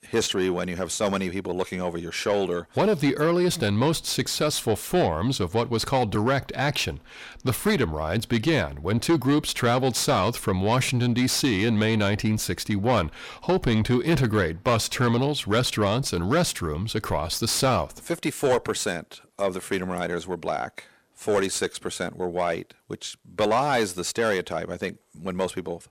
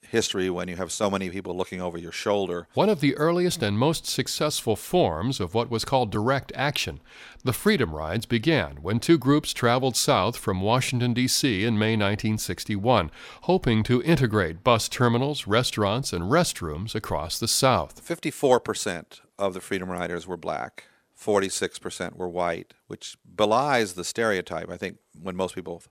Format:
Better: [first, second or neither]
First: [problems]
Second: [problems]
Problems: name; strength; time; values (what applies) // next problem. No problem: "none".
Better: second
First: distortion; slight; 10 dB below the speech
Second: none